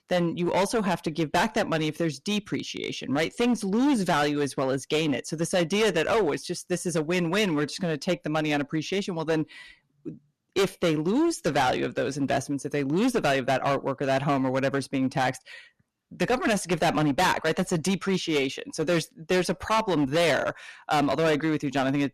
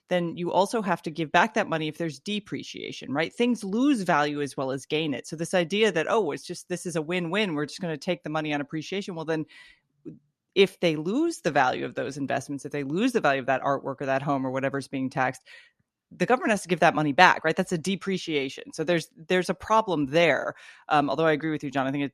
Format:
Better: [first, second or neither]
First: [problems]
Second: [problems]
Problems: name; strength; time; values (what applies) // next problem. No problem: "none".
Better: second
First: distortion; heavy; 13% of the sound clipped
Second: none